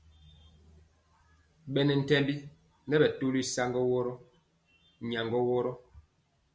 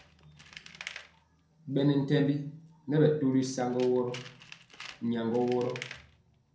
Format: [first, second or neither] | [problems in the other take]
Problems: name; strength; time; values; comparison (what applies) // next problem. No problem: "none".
first | background sound (Tools); 19 dB below the speech // room echo; dies away in 0.6 s